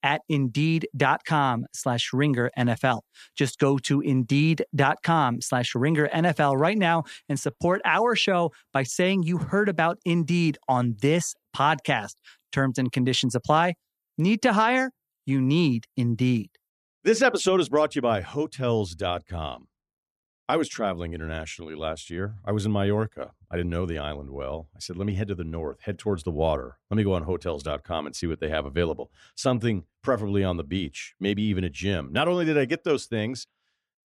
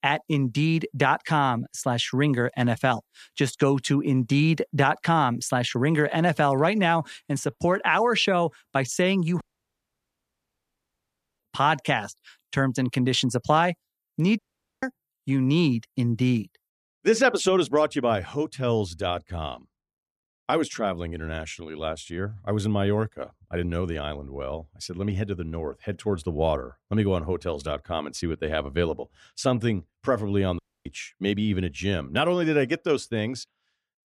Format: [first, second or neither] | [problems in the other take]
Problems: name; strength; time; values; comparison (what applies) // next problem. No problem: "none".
first | audio cutting out; at 9.5 s for 2 s, at 14 s and at 31 s